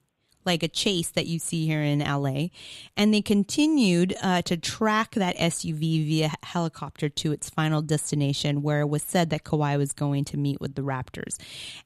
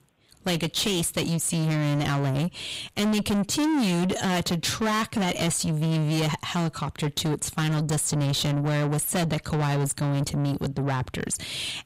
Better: first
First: none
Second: distortion; heavy; 6 dB below the speech

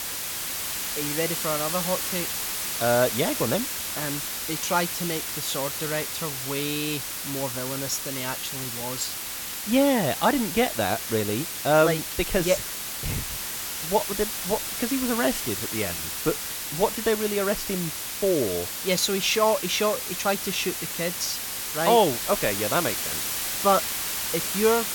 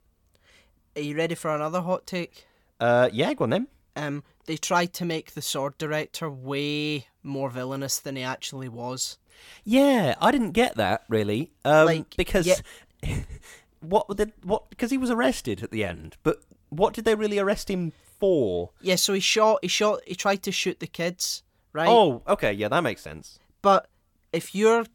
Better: second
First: hiss; loud; throughout; 2 dB below the speech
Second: none

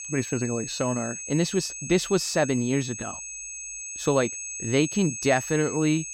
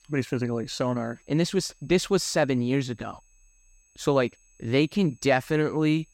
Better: second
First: high-pitched whine; loud; throughout; 6.5 kHz, 7 dB below the speech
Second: high-pitched whine; faint; throughout; 6.5 kHz, 35 dB below the speech

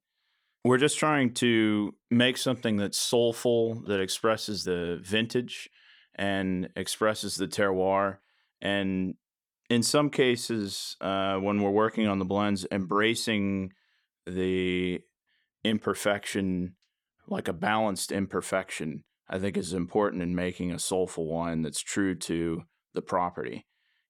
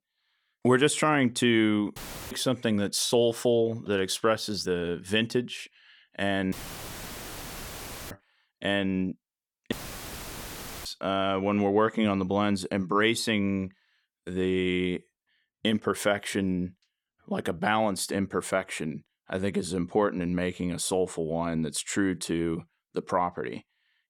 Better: first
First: none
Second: audio cutting out; filled with static; at 2 s, at 6.5 s for 1.5 s and at 9.5 s for 1 s

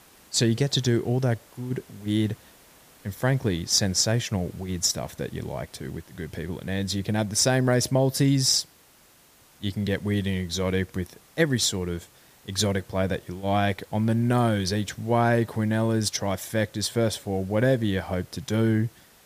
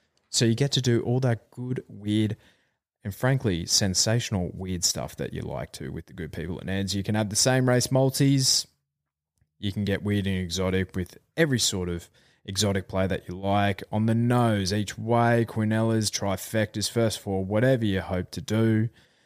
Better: second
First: hiss; faint; throughout; 30 dB below the speech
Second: none

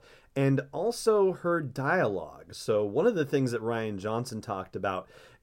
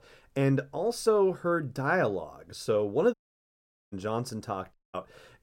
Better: first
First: none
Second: audio cutting out; at 3 s for 1 s and at 4.5 s

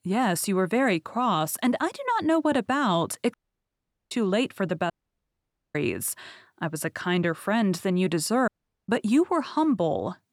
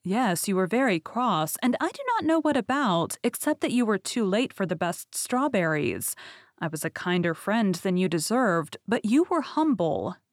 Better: second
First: audio cutting out; at 3.5 s for 1 s, at 5 s for 1 s and at 8.5 s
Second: none

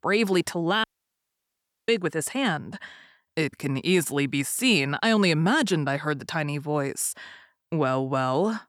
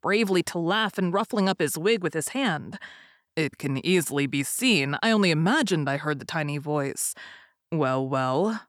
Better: second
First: audio cutting out; at 1 s for 1 s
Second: none

